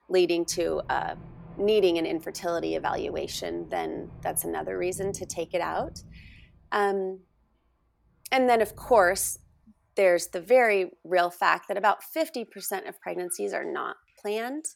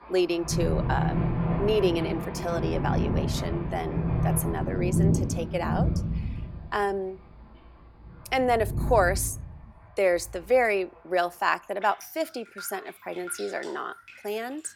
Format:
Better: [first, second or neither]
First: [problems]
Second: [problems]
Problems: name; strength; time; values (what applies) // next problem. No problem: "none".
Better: first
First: rain or running water; faint; throughout; 20 dB below the speech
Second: rain or running water; loud; throughout; as loud as the speech